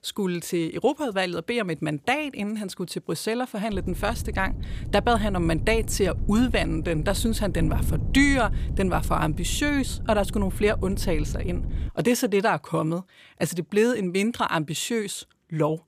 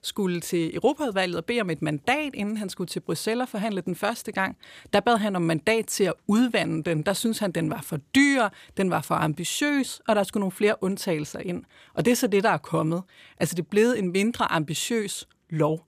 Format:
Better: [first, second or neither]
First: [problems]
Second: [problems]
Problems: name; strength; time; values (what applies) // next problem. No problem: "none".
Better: second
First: wind noise on the microphone; occasional gusts; from 3.5 to 12 s; 20 dB below the speech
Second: none